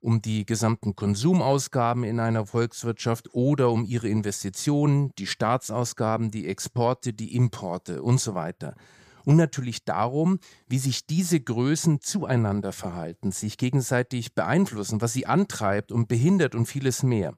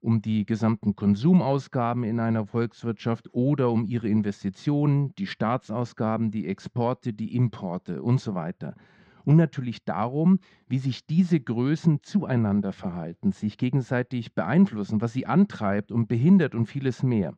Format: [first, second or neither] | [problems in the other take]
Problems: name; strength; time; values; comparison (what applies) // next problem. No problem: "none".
first | muffled; slightly; fading above 3.5 kHz